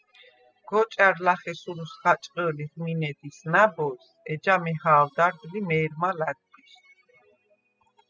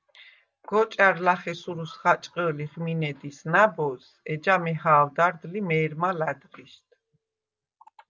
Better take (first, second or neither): second